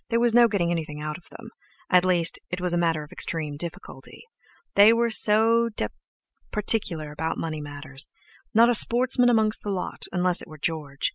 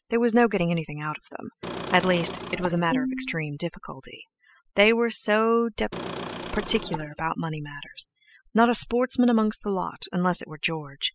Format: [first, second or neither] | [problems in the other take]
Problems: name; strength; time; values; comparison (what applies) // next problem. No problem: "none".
first | noise reduction (classical method spectral subtraction)